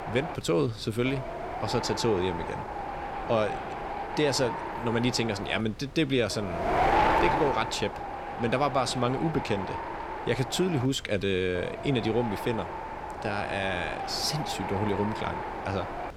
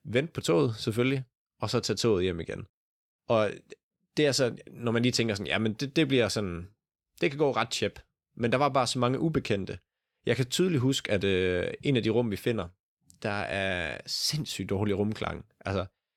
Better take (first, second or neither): second